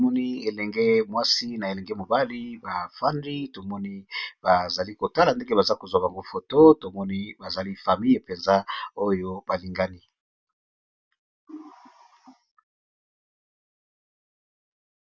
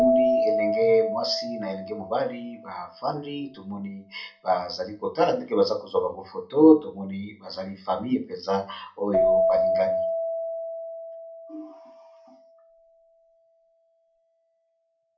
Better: first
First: none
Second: background sound (Keyboard (musical)); 2 dB below the speech // room echo; dies away in 0.3 s

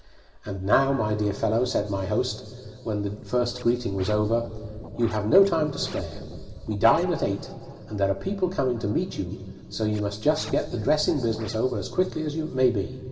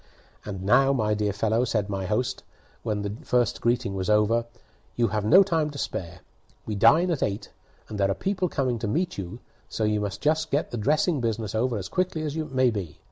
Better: second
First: background sound (Scratching (performance technique)); 16 dB below the speech // room echo; dies away in 2.3 s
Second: none

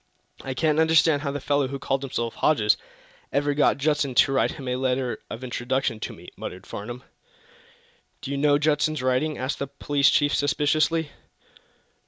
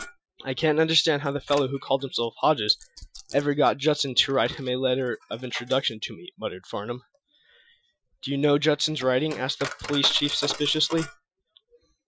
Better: first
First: none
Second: noise reduction (classical method Wiener filter)

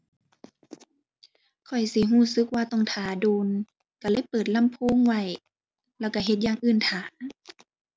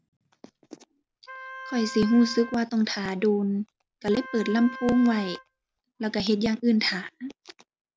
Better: first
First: none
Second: background sound (Wind instrument, woodwind instrument); 15 dB below the speech

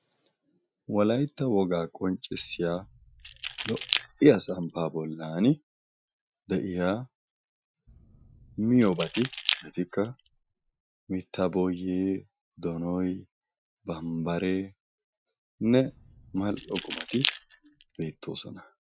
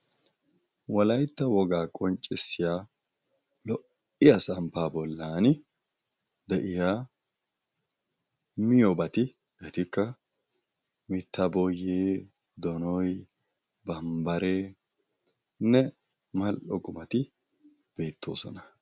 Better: second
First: noise reduction (classical method Wiener filter)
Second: none

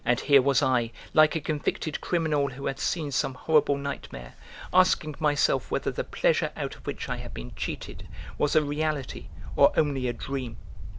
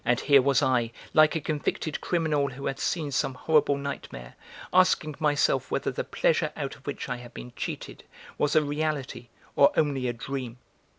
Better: second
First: background sound (Wind / Bird); 11 dB below the speech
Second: none

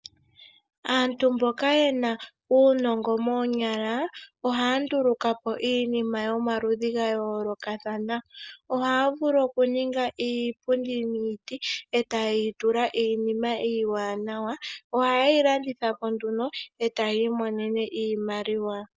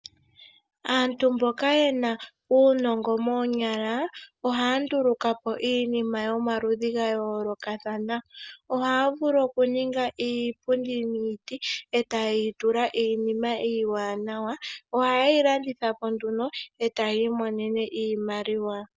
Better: second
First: noise reduction (neural mask model Resemble Enhance denoiser)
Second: none

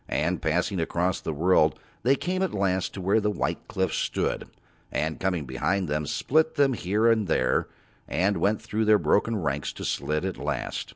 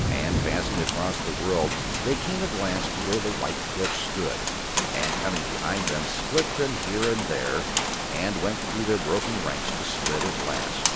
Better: first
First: none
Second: background sound (Rain); 1 dB above the speech

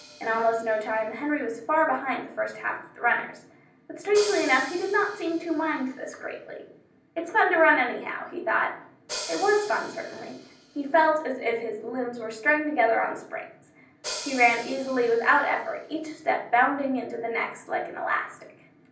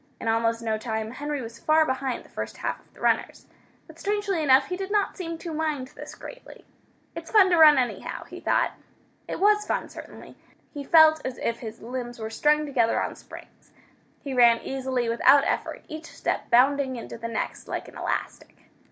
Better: second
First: background sound (Hi-hat); 18 dB below the speech // room echo; dies away in 0.6 s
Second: none

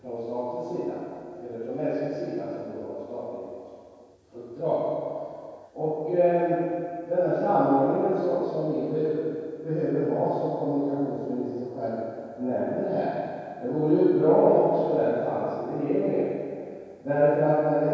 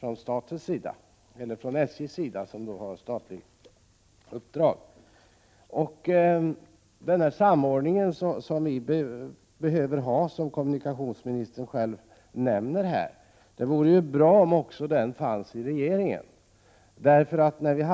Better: second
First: room echo; dies away in 2.2 s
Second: none

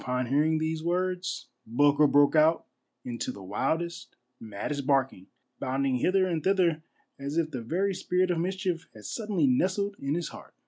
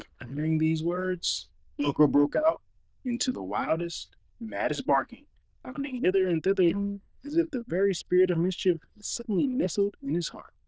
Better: first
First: none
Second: noise reduction (neural diffusion model UNIVERSE++)

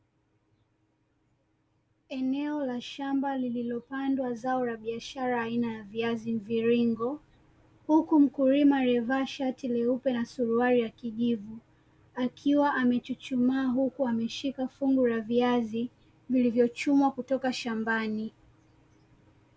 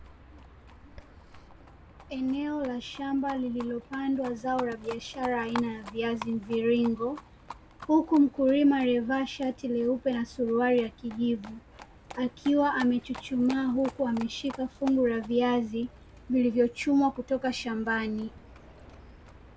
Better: first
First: none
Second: background sound (Livestock, farm animals, working animals); 18 dB below the speech

